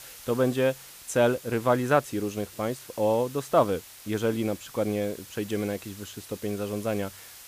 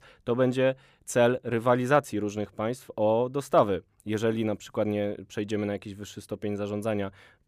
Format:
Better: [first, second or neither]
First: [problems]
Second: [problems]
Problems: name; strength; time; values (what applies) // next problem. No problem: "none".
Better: second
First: hiss; noticeable; throughout; 15 dB below the speech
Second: none